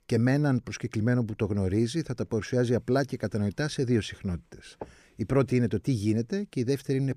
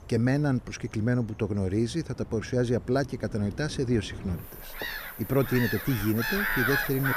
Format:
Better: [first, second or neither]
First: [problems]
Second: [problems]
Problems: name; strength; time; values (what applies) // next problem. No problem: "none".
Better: first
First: none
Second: animal sounds; loud; throughout; 4 dB below the speech